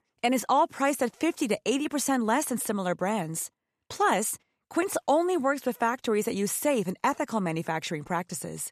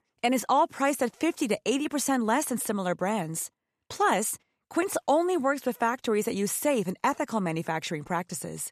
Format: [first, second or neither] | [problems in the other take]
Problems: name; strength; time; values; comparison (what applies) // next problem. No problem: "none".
neither | none